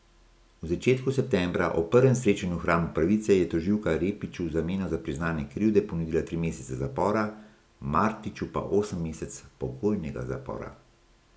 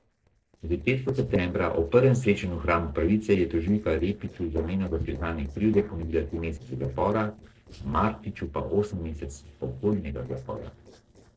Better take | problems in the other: first | noise reduction (neural separator model SepFormer DNS4)

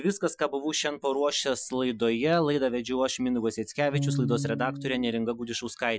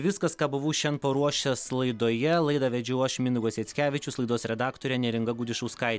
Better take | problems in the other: second | noise reduction (classical method Wiener filter)

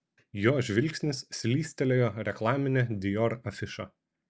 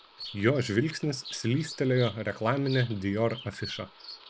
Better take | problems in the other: first | background sound (Bird vocalization, bird call, bird song); 16 dB below the speech

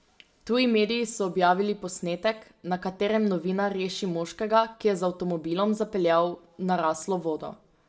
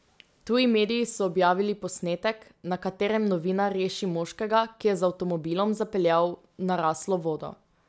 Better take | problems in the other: second | room echo; dies away in 0.3 s

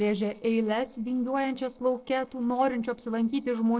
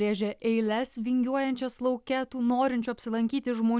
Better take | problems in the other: second | noise reduction (neural separator model SepFormer DNS4)

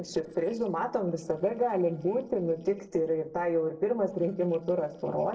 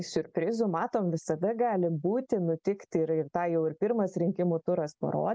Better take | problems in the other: second | noise reduction (neural separator model SepFormer DNS4)

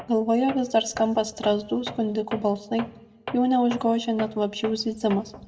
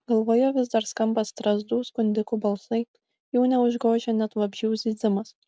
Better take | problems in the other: second | background sound (Tools); 16 dB below the speech // room echo; dies away in 0.9 s

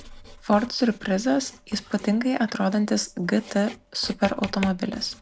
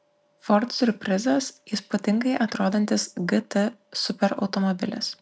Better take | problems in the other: second | background sound (Writing); 17 dB below the speech

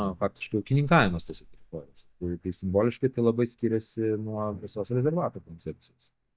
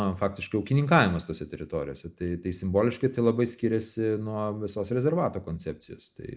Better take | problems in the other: second | noise reduction (neural mask model DeepFilterNet 3)

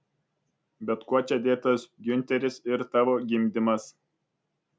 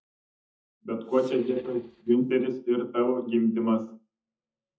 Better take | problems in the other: first | noise reduction (neural mask model DeepFilterNet 3)

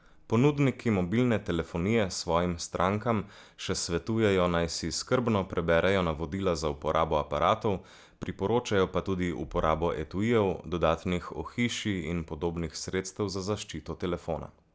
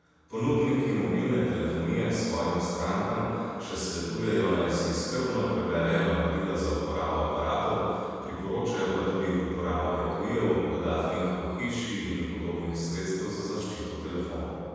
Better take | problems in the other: first | room echo; dies away in 2.1 s

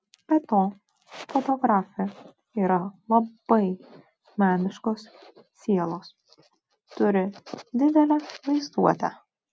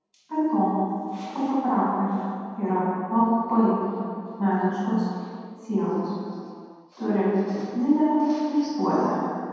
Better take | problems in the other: first | room echo; dies away in 2.1 s

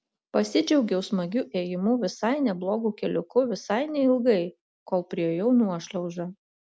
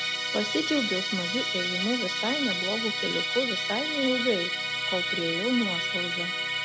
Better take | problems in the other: first | background sound (Musical instrument); 1 dB above the speech

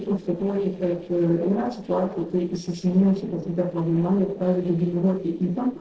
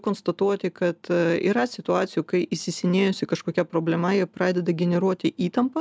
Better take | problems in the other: second | noise reduction (neural separator model SepFormer DNS4)

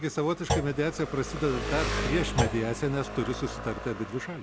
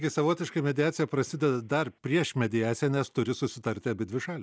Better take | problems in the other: second | background sound (Engine + Thump, thud); 3 dB below the speech

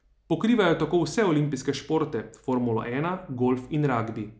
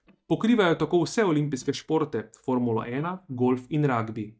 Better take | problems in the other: first | noise reduction (neural mask model DeepFilterNet 3)

